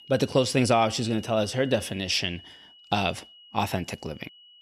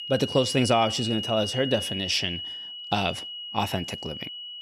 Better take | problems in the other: first | high-pitched whine; loud; throughout; 3 kHz, 6 dB below the speech; faint in the first

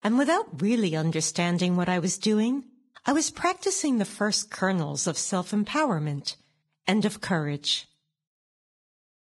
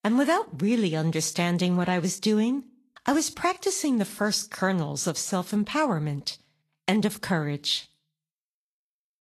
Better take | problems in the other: second | garbled, watery; badly; nothing above 10 kHz; slightly in the second

